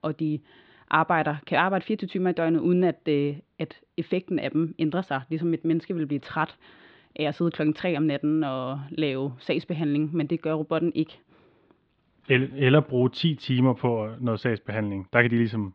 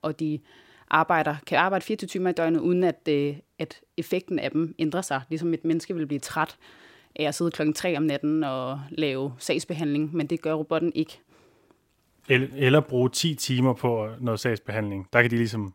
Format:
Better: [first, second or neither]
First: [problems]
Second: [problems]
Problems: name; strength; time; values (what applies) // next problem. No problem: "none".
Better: second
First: muffled; slightly; fading above 4 kHz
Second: none